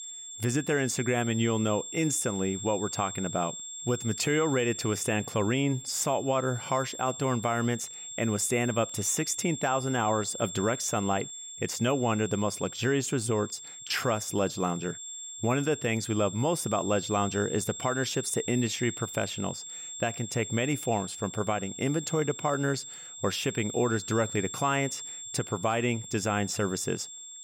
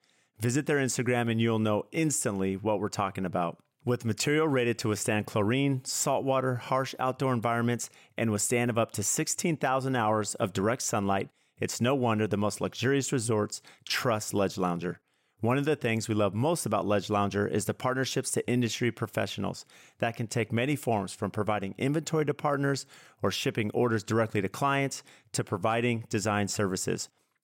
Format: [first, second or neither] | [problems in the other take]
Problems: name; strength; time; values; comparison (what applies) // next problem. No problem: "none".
second | high-pitched whine; loud; throughout; 7.5 kHz, 9 dB below the speech